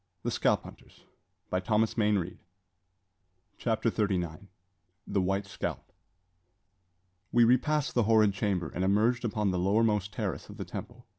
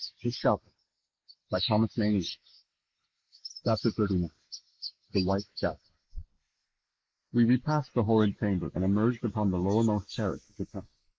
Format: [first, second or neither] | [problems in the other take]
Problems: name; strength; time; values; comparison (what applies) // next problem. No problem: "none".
first | noise reduction (neural mask model Resemble Enhance denoiser)